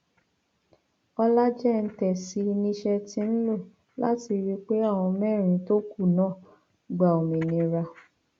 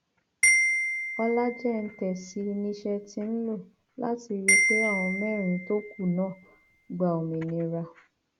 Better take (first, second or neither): first